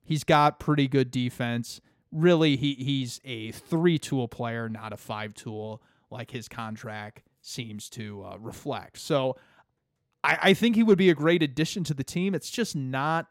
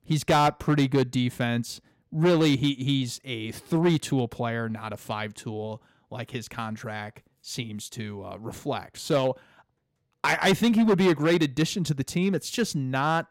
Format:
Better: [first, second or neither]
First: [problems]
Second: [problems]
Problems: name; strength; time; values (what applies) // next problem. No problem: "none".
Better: first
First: none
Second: distortion; slight; 4% of the sound clipped